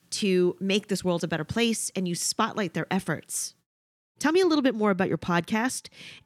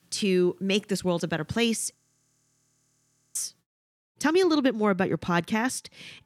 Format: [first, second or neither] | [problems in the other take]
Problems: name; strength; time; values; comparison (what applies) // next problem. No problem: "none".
first | audio freezing; at 2 s for 1.5 s